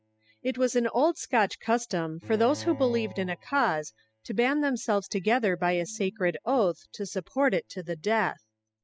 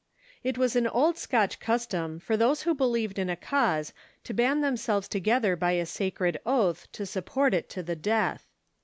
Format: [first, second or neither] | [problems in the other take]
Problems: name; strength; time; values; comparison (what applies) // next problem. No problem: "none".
second | noise reduction (classical method spectral subtraction)